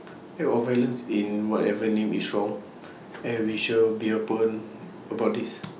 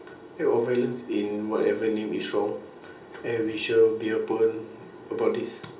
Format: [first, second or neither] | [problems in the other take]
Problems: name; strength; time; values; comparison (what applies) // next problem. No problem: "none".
first | room echo; dies away in 0.7 s